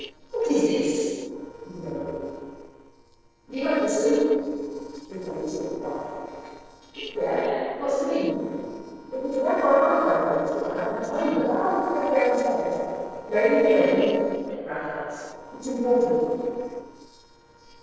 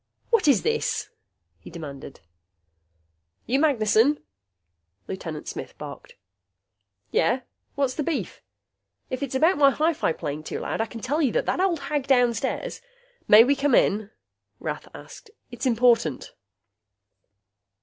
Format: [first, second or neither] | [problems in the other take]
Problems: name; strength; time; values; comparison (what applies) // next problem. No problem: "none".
second | noise reduction (neural separator model SepFormer DNS4)